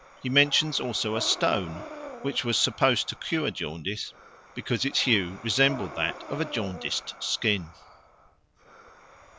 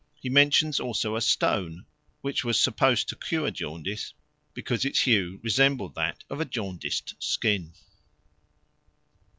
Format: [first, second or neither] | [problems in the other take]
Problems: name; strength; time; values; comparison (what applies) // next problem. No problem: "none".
second | background sound (Breathing); 14 dB below the speech